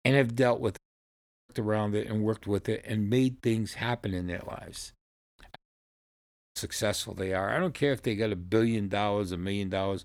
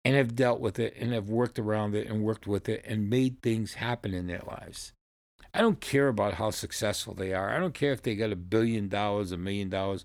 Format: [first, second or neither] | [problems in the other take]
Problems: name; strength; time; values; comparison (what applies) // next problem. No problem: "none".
second | audio cutting out; at 1 s for 0.5 s and at 5.5 s for 1 s